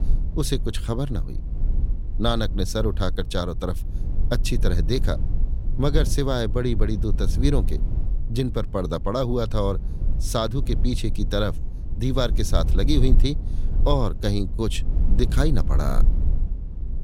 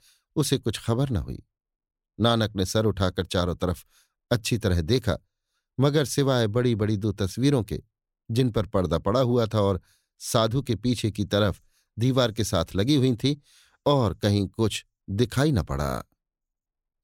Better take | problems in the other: second | low rumble; noticeable; throughout; 15 dB below the speech

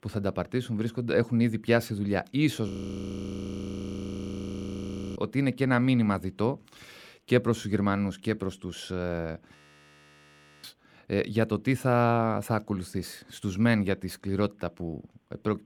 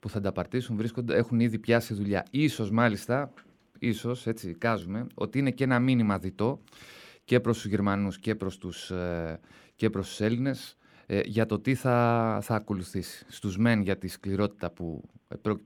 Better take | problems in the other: second | audio freezing; at 2.5 s for 2.5 s and at 9.5 s for 1 s

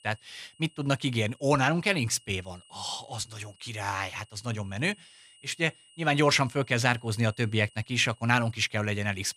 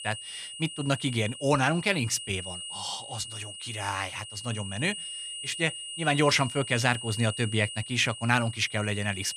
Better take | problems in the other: first | high-pitched whine; loud; throughout; 3 kHz, 9 dB below the speech; faint in the first

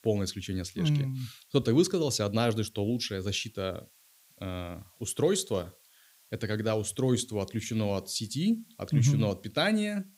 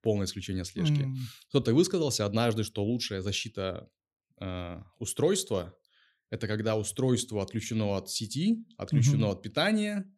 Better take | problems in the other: second | hiss; faint; throughout; 30 dB below the speech

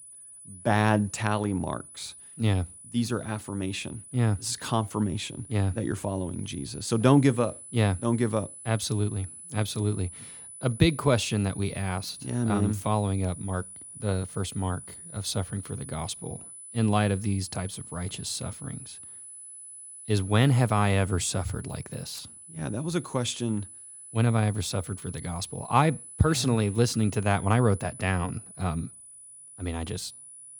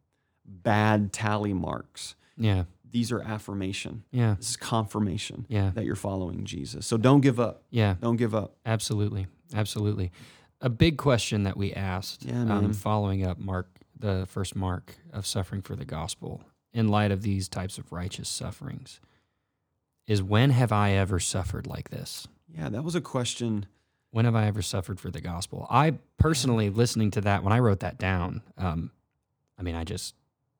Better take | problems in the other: second | high-pitched whine; noticeable; throughout; 10 kHz, 15 dB below the speech

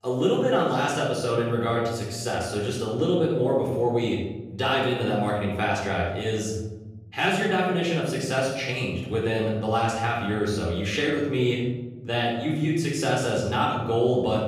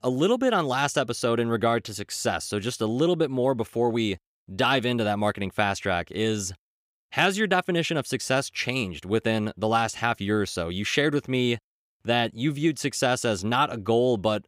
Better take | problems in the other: second | off-mic speech; far // room echo; noticeable; dies away in 1.5 s

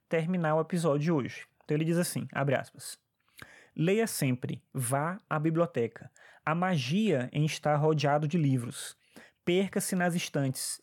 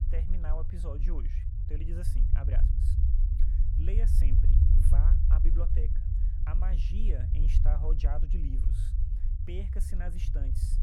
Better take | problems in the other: first | low rumble; loud; throughout; 1 dB below the speech

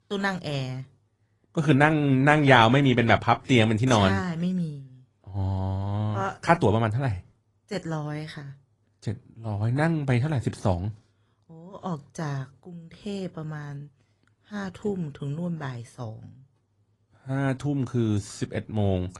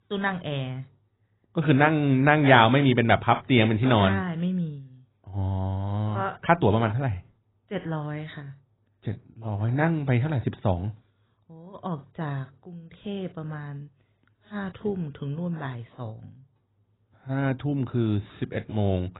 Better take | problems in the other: first | garbled, watery; badly; nothing above 3.5 kHz; slightly in the first

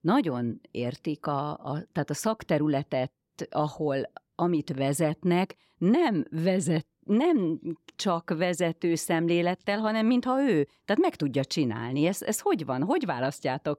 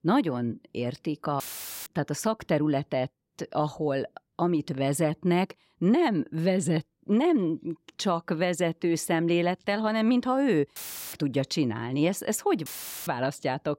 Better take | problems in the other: first | audio cutting out; filled with static; at 1.5 s, at 11 s and at 13 s

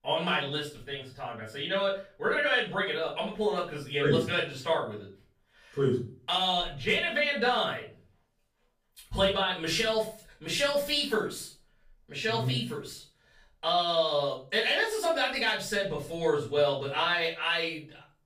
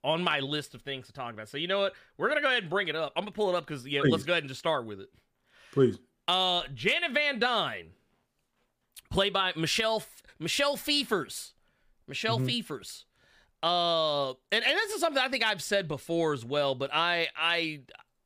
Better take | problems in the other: second | room echo; slight; dies away in 0.3 s // off-mic speech; far

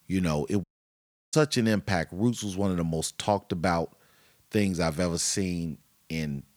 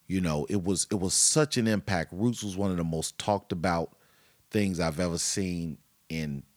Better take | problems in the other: second | audio cutting out; at 0.5 s for 0.5 s

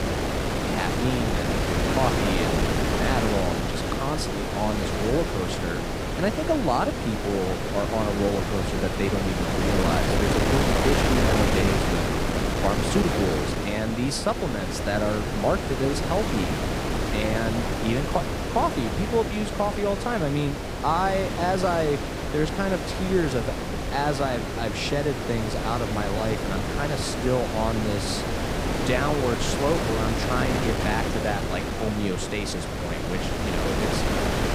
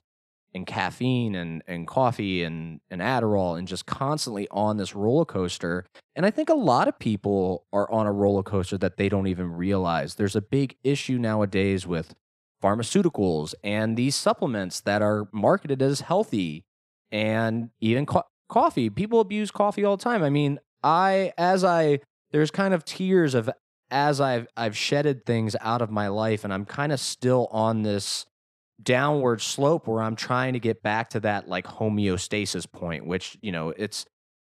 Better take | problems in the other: second | wind noise on the microphone; heavy; as loud as the speech

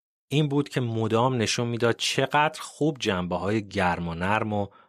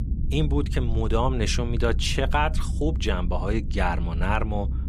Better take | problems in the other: first | low rumble; noticeable; throughout; 15 dB below the speech

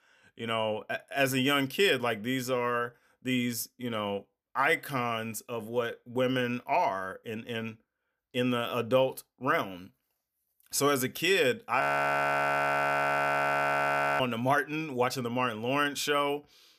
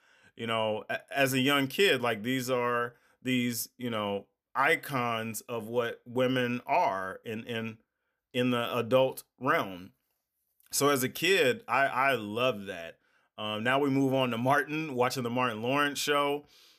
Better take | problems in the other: second | audio freezing; at 12 s for 2.5 s

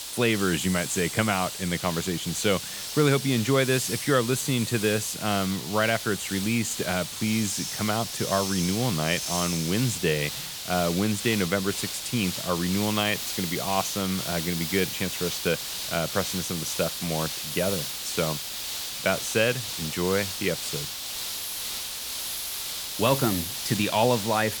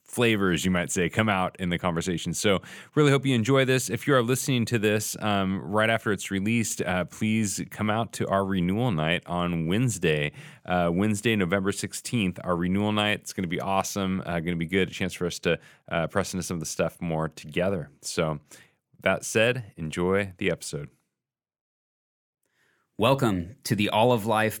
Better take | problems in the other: second | hiss; loud; throughout; 4 dB below the speech

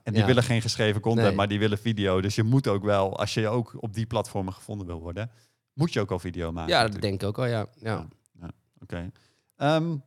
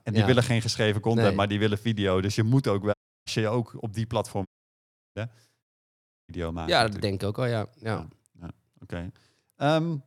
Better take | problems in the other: first | audio cutting out; at 3 s, at 4.5 s for 0.5 s and at 5.5 s for 0.5 s

